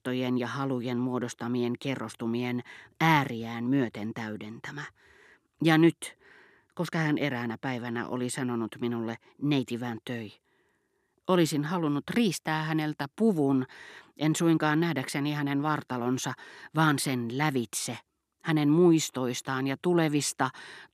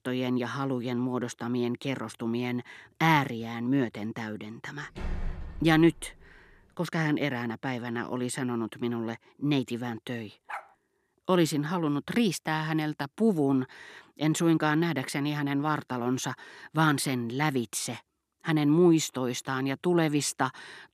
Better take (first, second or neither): first